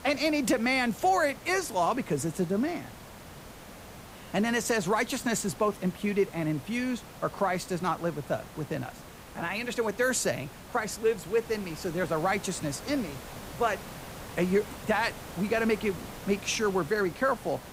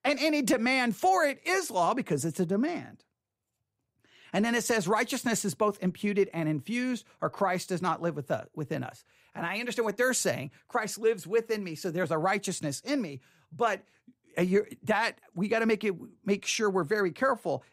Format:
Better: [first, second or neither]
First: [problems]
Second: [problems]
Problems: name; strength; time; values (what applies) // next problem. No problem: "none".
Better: second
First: hiss; noticeable; throughout; 15 dB below the speech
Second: none